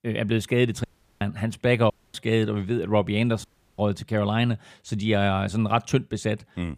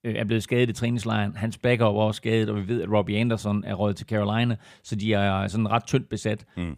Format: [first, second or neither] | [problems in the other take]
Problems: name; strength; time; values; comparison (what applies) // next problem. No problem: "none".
second | audio cutting out; at 1 s, at 2 s and at 3.5 s